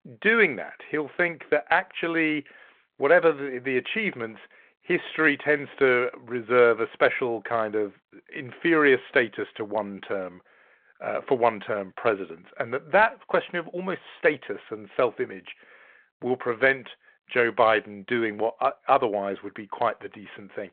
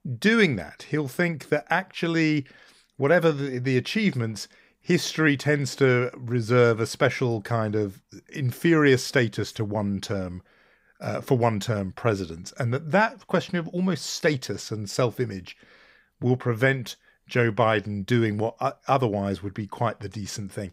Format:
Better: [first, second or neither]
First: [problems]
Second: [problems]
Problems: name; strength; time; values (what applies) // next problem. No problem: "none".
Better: second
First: phone-call audio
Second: none